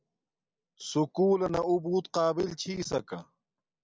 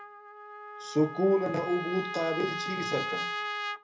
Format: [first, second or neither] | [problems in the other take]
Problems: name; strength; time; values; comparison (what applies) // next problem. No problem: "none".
first | background sound (Trumpet); 5 dB below the speech // room echo; dies away in 0.3 s